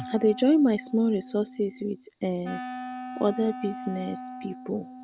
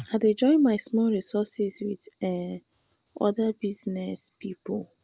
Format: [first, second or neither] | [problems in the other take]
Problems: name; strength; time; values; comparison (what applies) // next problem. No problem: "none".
second | background sound (Wind instrument, woodwind instrument); 12 dB below the speech